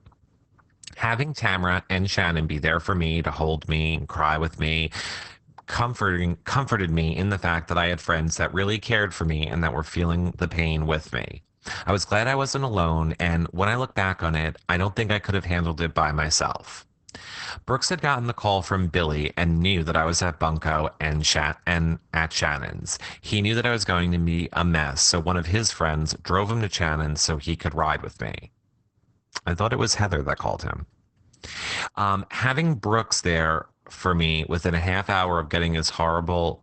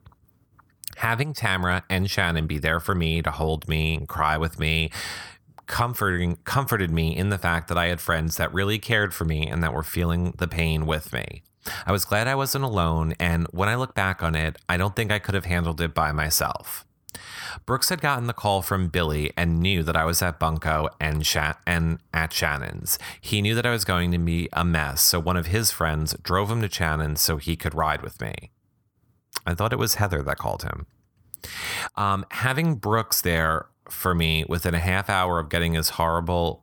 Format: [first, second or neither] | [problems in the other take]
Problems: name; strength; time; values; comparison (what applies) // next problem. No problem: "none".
second | garbled, watery; badly; nothing above 8 kHz